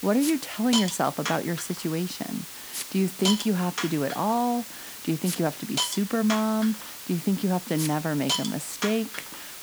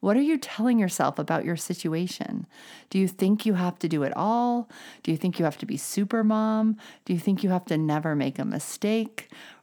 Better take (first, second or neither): second